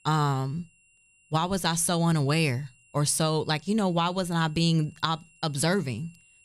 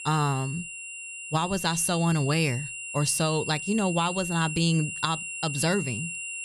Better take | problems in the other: first | high-pitched whine; loud; throughout; 3 kHz, 7 dB below the speech; faint in the first

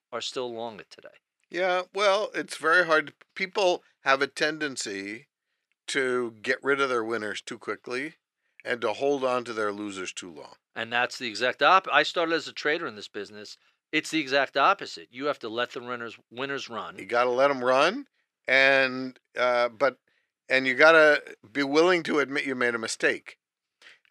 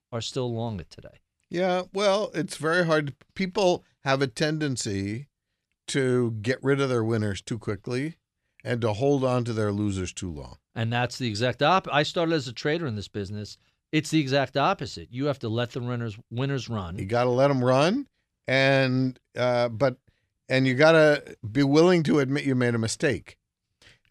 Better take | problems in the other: second | thin; somewhat; fading below 400 Hz

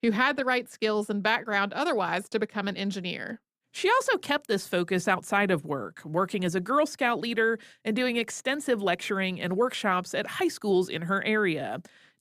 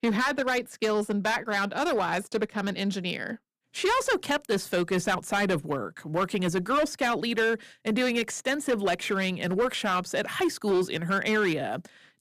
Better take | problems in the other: first | distortion; slight; 8% of the sound clipped

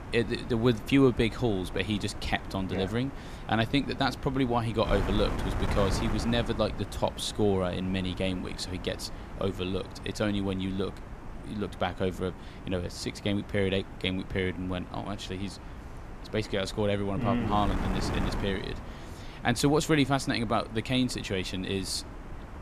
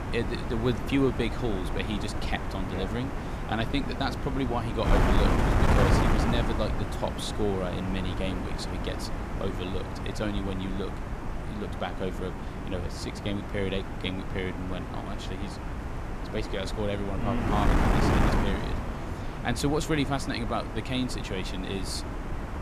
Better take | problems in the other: first | wind noise on the microphone; heavy; 1 dB below the speech; occasional gusts in the first

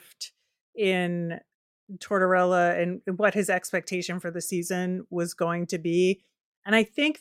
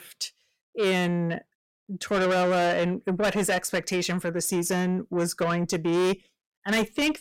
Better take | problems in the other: first | distortion; heavy; 7 dB below the speech

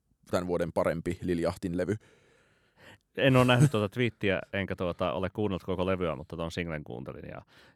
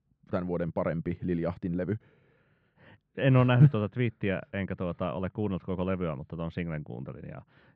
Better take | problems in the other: first | muffled; very; fading above 2.5 kHz

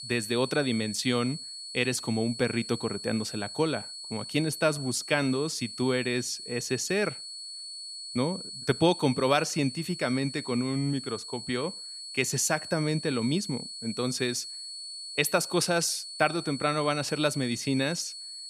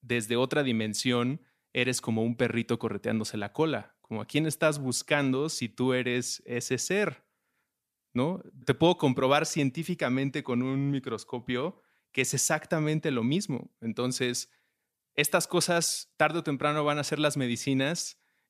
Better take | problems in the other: second | high-pitched whine; loud; throughout; 4.5 kHz, 9 dB below the speech

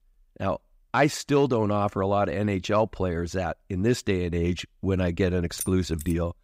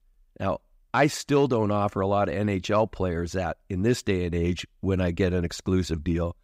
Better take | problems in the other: second | jangling keys; noticeable; at 5.5 s; peak 9 dB below the speech

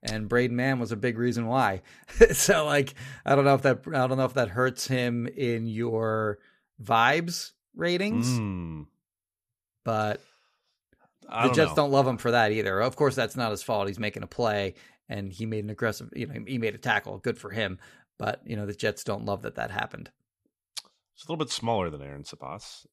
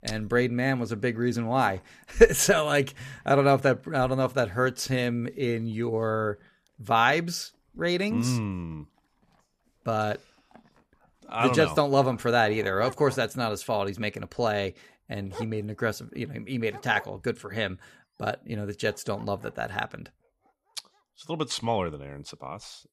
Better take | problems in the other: first | animal sounds; faint; throughout; 20 dB below the speech

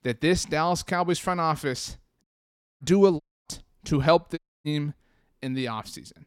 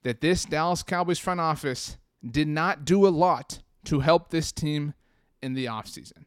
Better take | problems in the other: second | audio cutting out; at 2 s for 0.5 s, at 3 s and at 4.5 s

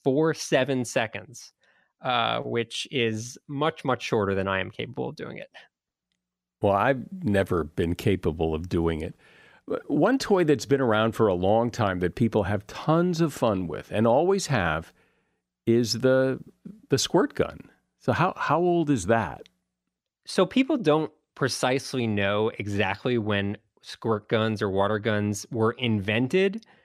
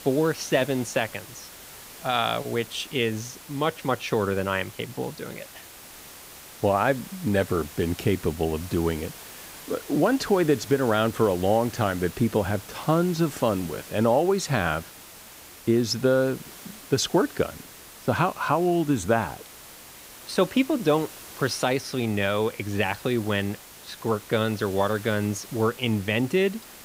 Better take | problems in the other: first | hiss; noticeable; throughout; 15 dB below the speech

